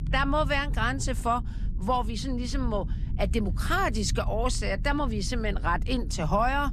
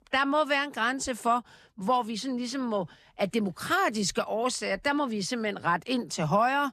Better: second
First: low rumble; noticeable; throughout; 20 dB below the speech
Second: none

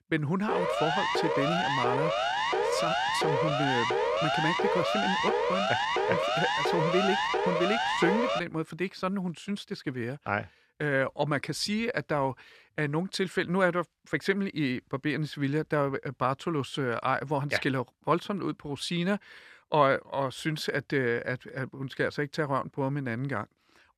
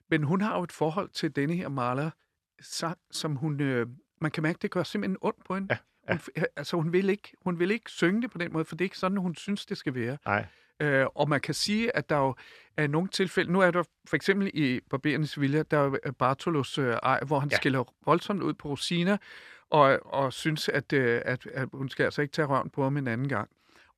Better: second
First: siren; loud; until 8.5 s; peak 4 dB above the speech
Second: none

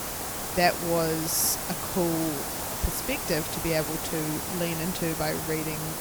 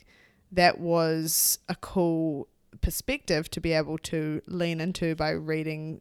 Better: second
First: hiss; loud; throughout; 2 dB below the speech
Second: none

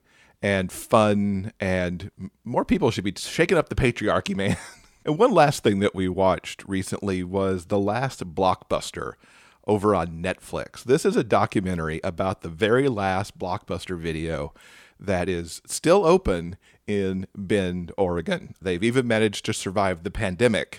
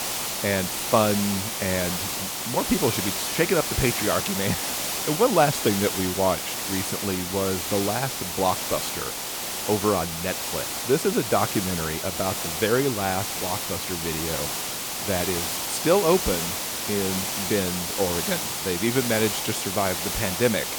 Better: first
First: none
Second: hiss; loud; throughout; 1 dB below the speech

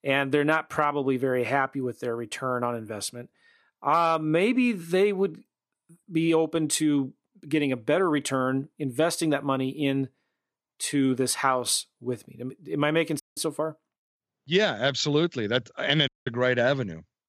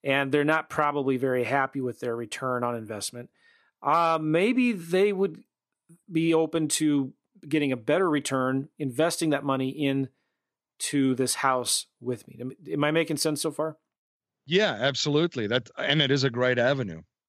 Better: second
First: audio cutting out; at 13 s and at 16 s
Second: none

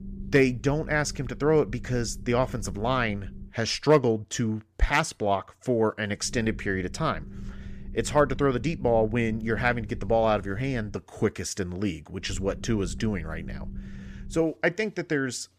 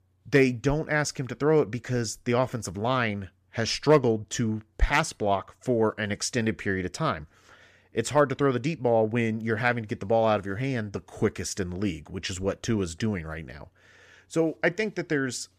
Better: second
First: low rumble; faint; until 3.5 s, from 6.5 to 11 s and from 12 to 14 s; 25 dB below the speech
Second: none

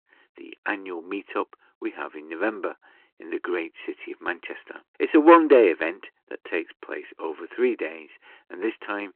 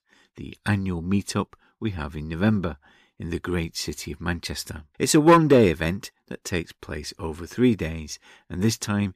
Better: second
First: phone-call audio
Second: none

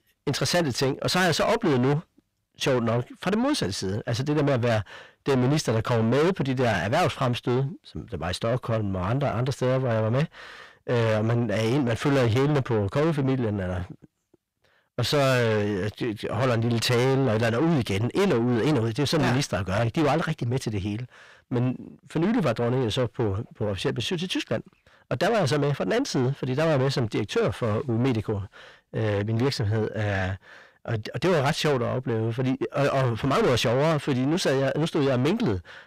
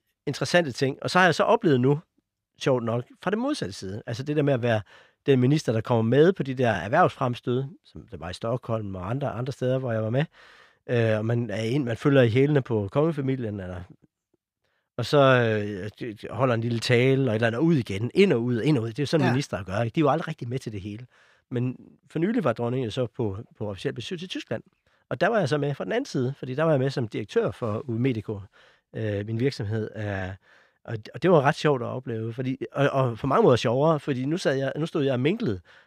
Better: second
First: distortion; heavy; 6 dB below the speech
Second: none

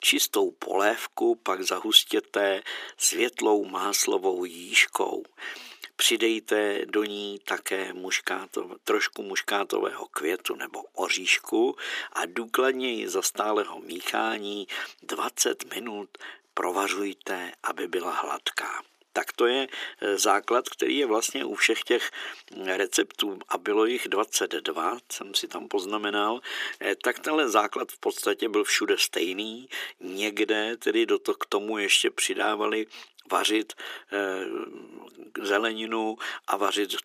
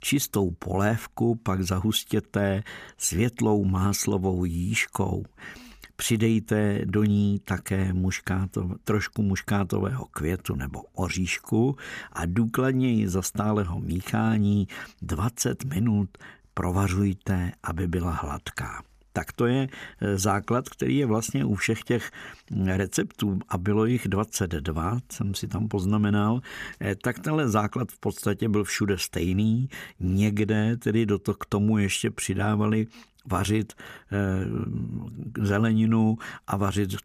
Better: second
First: thin; very; fading below 350 Hz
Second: none

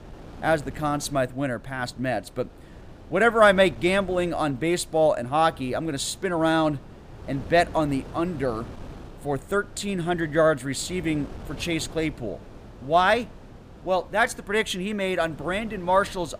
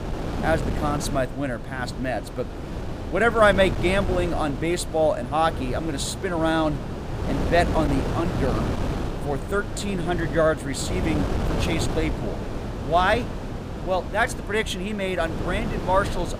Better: first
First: wind noise on the microphone; occasional gusts; 25 dB below the speech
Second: wind noise on the microphone; heavy; 9 dB below the speech

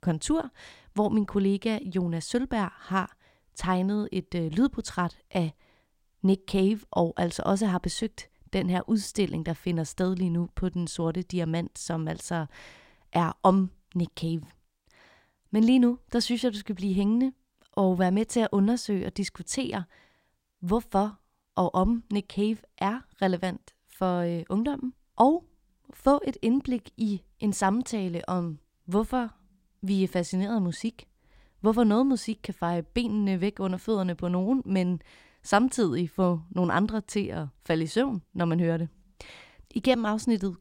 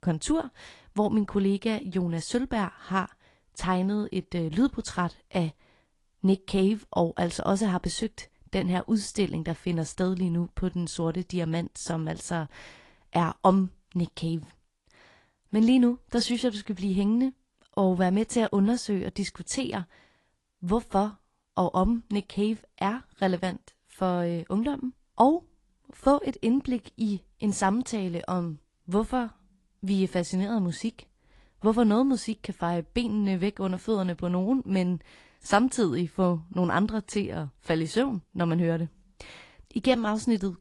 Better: first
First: none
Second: garbled, watery; slightly

